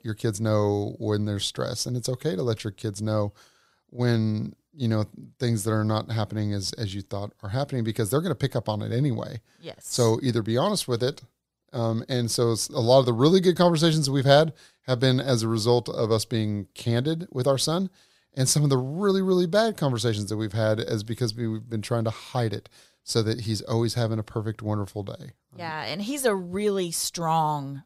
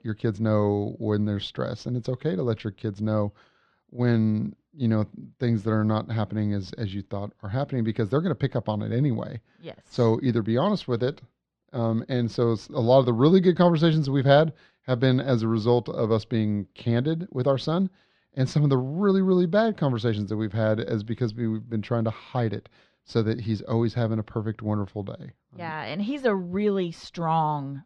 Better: first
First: none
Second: muffled; slightly; fading above 3 kHz

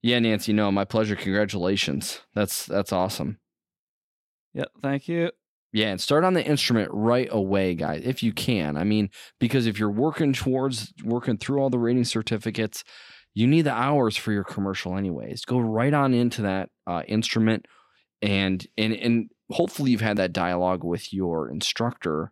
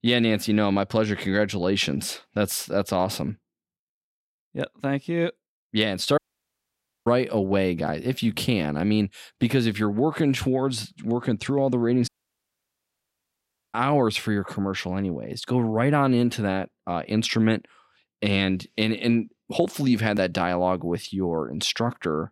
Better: first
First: none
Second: audio cutting out; at 6 s for 1 s and at 12 s for 1.5 s

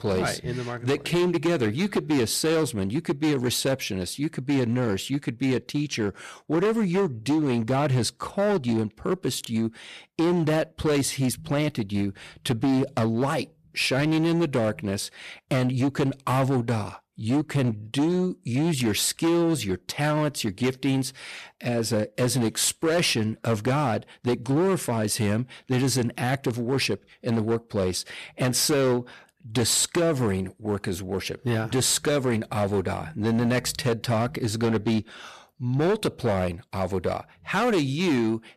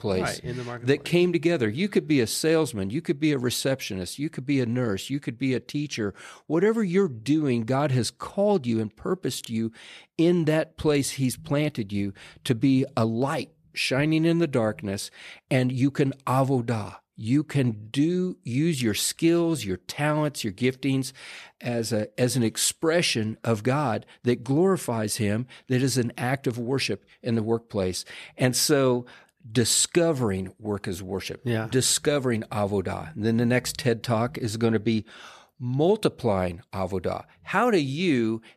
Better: second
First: distortion; slight; 12% of the sound clipped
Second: none

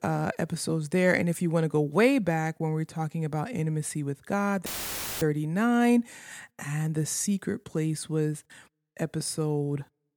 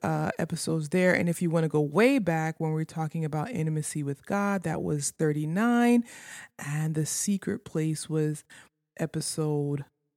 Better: second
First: audio cutting out; filled with static; at 4.5 s for 0.5 s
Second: none

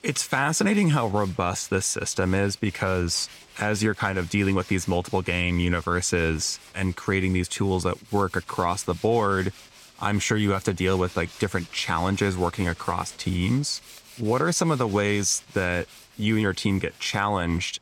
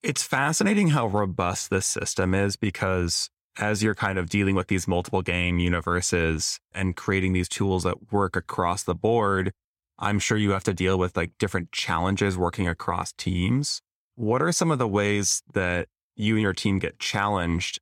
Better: second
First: machinery noise; faint; throughout; 20 dB below the speech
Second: none

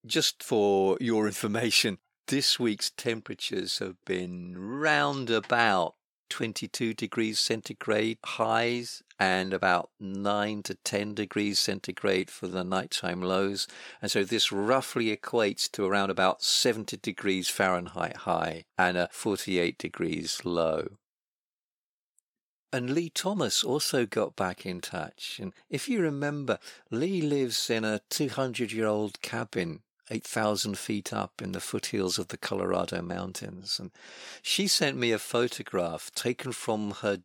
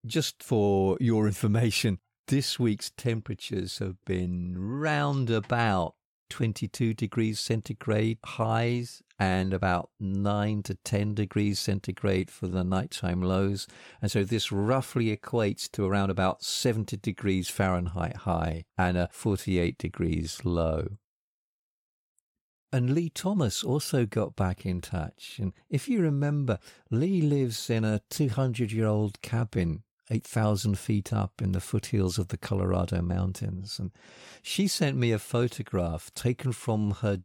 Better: second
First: thin; somewhat; fading below 300 Hz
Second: none

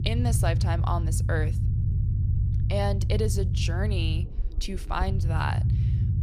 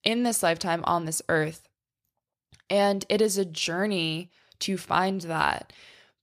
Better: second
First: low rumble; loud; throughout; 8 dB below the speech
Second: none

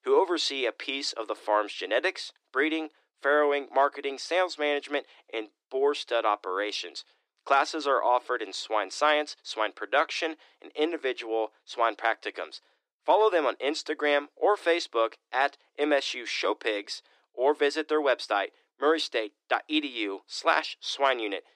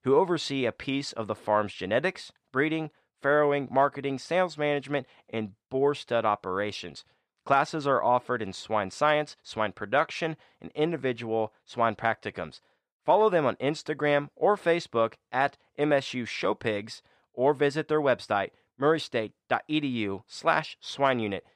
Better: second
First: thin; somewhat; fading below 300 Hz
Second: none

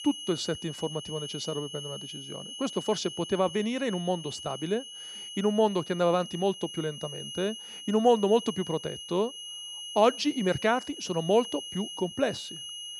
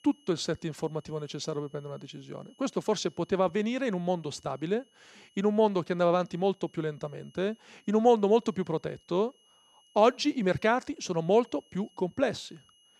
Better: second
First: high-pitched whine; loud; throughout; 3 kHz, 10 dB below the speech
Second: high-pitched whine; faint; throughout; 3 kHz, 35 dB below the speech

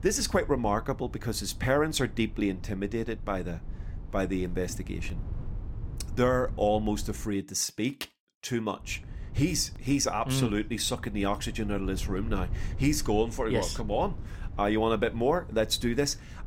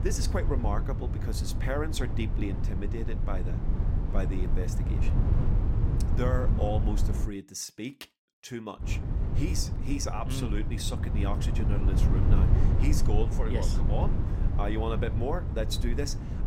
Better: first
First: low rumble; faint; until 7.5 s and from 9 s on; 25 dB below the speech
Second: low rumble; loud; until 7.5 s and from 9 s on; 5 dB below the speech

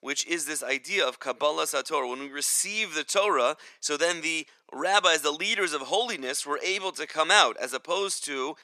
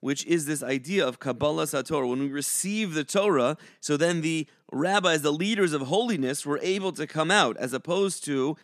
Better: second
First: thin; very; fading below 600 Hz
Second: none

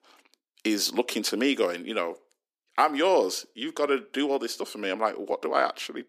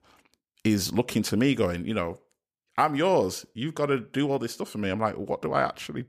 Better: second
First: thin; very slightly; fading below 250 Hz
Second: none

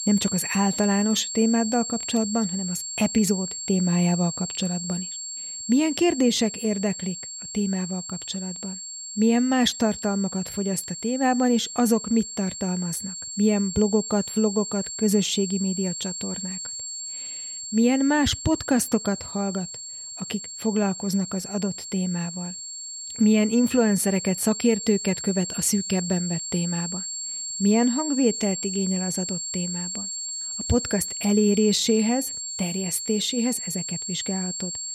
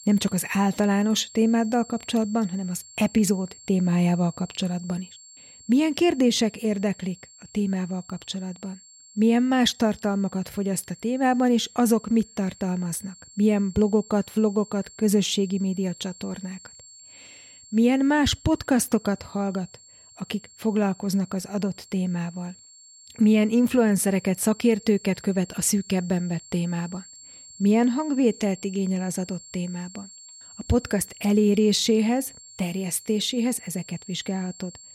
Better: second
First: high-pitched whine; loud; throughout; 7.5 kHz, 6 dB below the speech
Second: high-pitched whine; faint; throughout; 7.5 kHz, 20 dB below the speech

